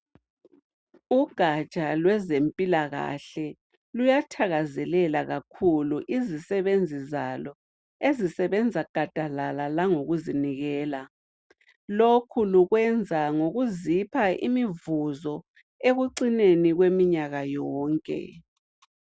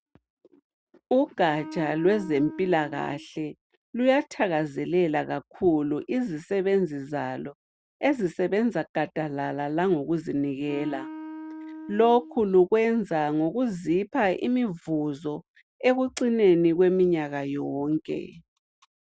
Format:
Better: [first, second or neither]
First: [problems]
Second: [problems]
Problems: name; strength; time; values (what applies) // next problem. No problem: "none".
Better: first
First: none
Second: background sound (Wind instrument, woodwind instrument); 14 dB below the speech